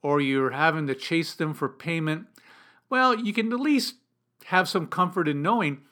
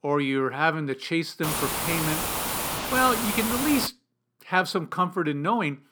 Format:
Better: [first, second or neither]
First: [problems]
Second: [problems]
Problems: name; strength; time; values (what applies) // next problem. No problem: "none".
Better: first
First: none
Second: hiss; loud; from 1.5 to 4 s; 1 dB below the speech